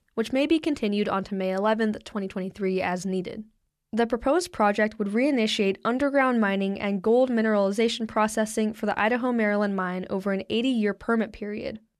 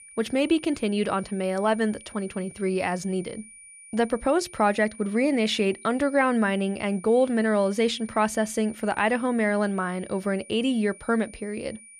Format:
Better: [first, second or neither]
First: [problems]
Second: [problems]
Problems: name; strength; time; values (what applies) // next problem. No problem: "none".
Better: first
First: none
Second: high-pitched whine; noticeable; throughout; 9.5 kHz, 20 dB below the speech